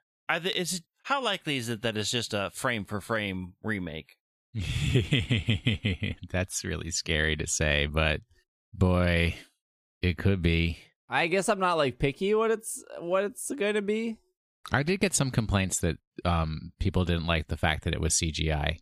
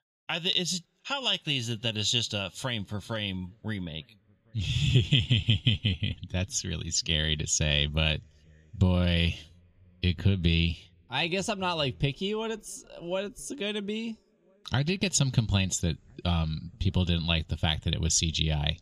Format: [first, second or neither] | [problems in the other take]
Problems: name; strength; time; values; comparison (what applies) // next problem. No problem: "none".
first | room echo; slight; dies away in 3 s